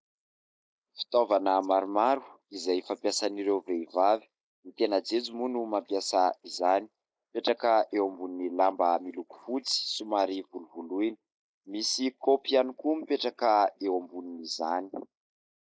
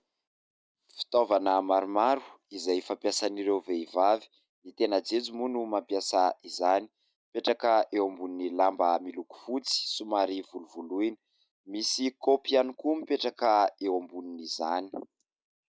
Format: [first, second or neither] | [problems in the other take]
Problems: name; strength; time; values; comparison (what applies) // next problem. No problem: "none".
second | noise reduction (neural mask model Resemble Enhance denoiser)